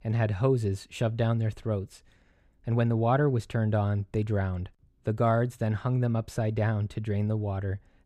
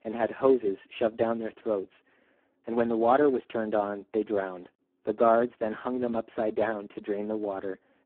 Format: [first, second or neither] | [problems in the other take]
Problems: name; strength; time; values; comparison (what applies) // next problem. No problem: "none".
first | phone-call audio; poor line; nothing above 3.5 kHz